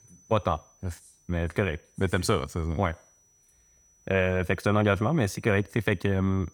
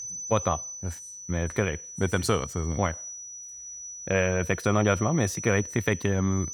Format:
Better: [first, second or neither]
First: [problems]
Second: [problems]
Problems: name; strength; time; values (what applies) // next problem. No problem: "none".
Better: first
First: high-pitched whine; faint; throughout; 6 kHz, 35 dB below the speech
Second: high-pitched whine; loud; throughout; 6 kHz, 10 dB below the speech